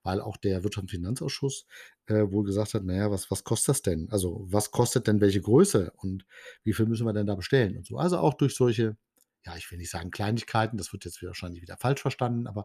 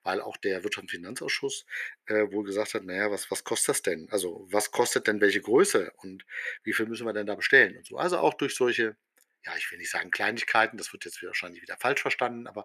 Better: first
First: none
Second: thin; very; fading below 450 Hz

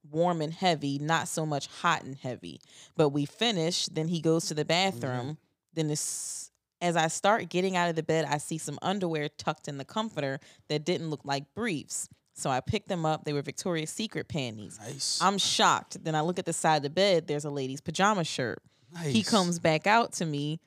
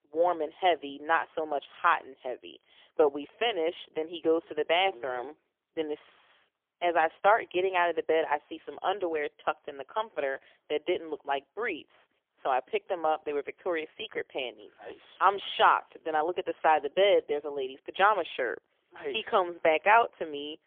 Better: first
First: none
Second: phone-call audio; poor line; nothing above 3.5 kHz

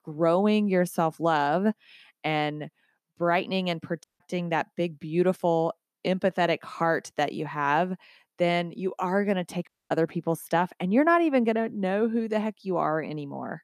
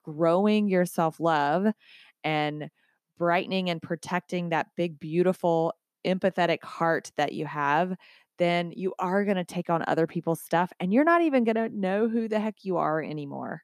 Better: second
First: audio cutting out; at 4 s and at 9.5 s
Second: none

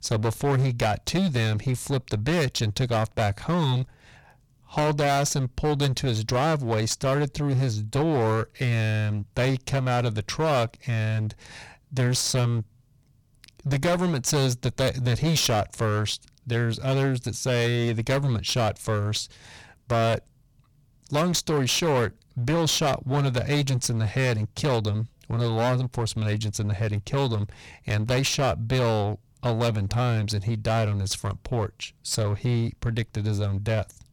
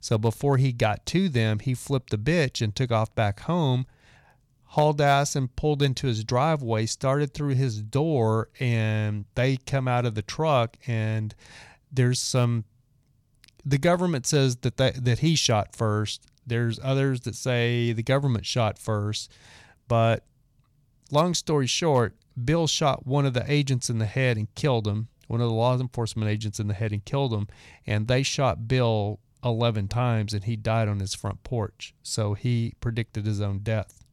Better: second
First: distortion; heavy; 17% of the sound clipped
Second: none

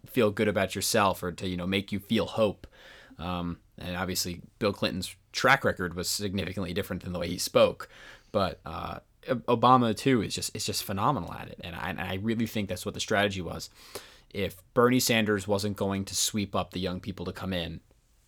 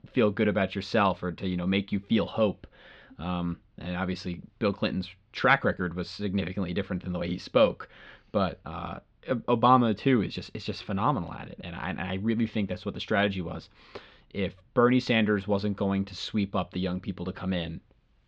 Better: first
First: none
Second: muffled; slightly; fading above 3.5 kHz

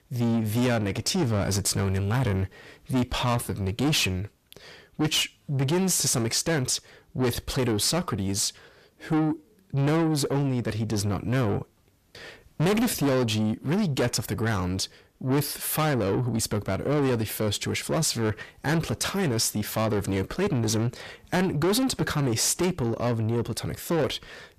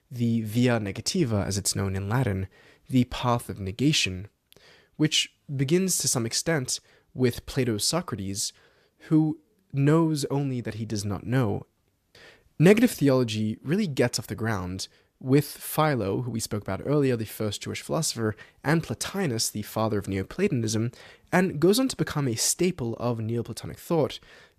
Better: second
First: distortion; heavy; 7 dB below the speech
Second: none

